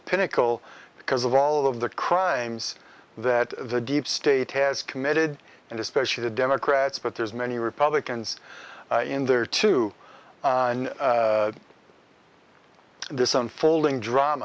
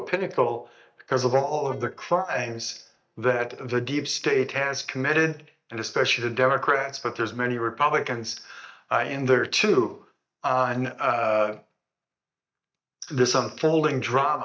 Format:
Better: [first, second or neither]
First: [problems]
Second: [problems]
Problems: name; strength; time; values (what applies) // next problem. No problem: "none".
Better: first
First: none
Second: noise reduction (neural mask model DeepFilterNet 3)